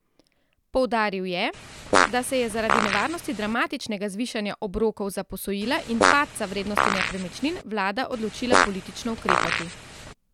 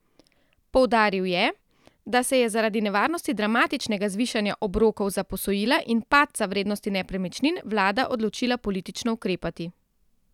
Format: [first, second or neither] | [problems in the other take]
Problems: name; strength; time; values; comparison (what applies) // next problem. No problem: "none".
second | background sound (Fart); 2 dB above the speech